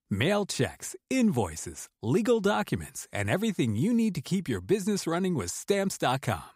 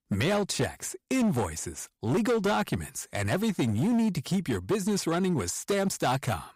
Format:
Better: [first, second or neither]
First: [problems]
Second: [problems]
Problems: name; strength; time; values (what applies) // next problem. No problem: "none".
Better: first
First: none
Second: distortion; slight; 13% of the sound clipped